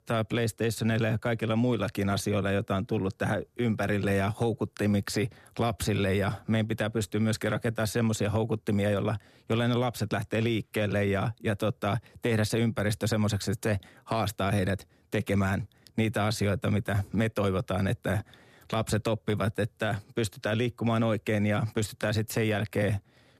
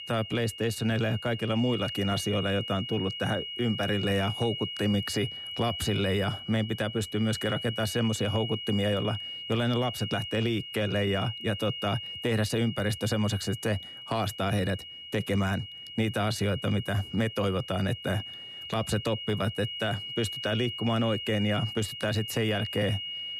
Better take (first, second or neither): first